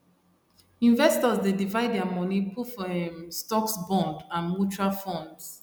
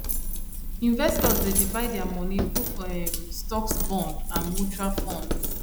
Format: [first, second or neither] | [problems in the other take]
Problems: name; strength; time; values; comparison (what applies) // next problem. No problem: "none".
first | background sound (Coin (dropping)); 2 dB above the speech